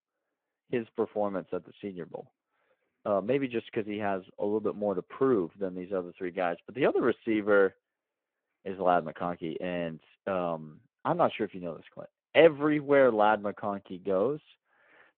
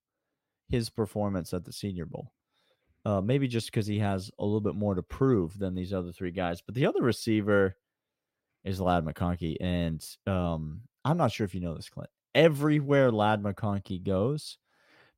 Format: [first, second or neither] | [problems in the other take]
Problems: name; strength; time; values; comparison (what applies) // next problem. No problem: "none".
second | phone-call audio